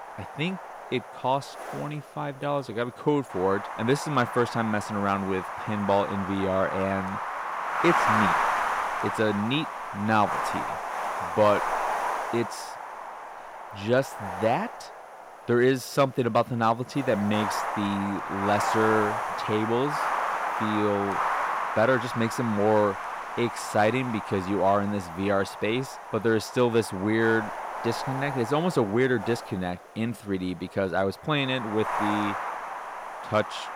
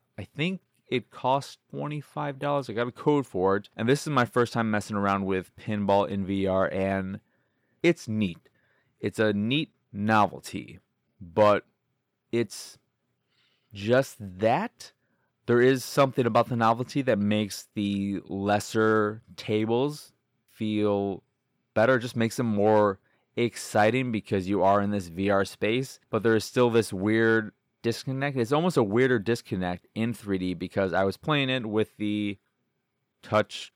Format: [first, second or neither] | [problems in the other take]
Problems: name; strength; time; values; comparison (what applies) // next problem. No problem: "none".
second | wind noise on the microphone; heavy; 2 dB below the speech